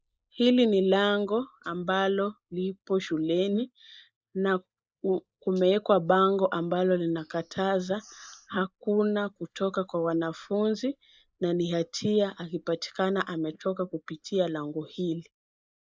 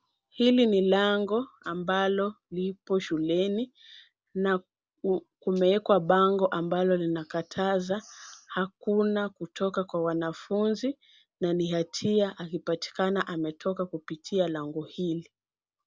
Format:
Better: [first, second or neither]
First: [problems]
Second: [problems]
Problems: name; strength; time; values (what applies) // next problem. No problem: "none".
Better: second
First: noise reduction (neural mask model Resemble Enhance denoiser)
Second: none